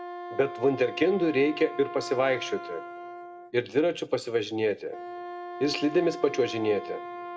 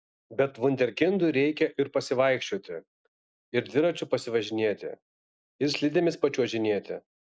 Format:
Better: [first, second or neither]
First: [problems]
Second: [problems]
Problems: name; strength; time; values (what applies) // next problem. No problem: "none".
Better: second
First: background sound (Wind instrument, woodwind instrument); 12 dB below the speech // room echo; dies away in 0.6 s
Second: none